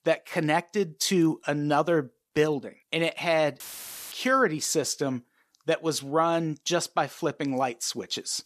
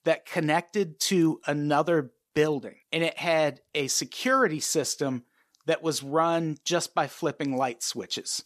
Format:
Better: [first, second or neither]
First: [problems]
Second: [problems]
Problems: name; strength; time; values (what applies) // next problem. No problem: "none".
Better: second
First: audio cutting out; filled with static; at 3.5 s for 0.5 s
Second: none